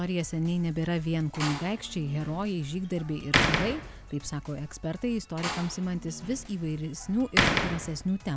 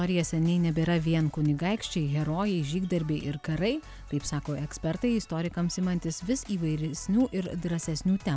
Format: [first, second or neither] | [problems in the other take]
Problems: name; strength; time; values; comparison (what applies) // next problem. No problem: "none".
second | background sound (Slam); 3 dB below the speech